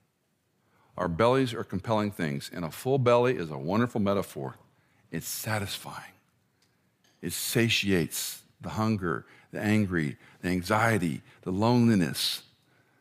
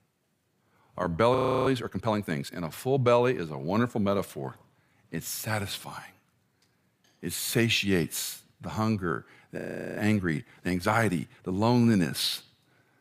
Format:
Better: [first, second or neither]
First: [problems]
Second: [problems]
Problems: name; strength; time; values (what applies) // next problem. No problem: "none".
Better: first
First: none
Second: audio freezing; at 1.5 s and at 9.5 s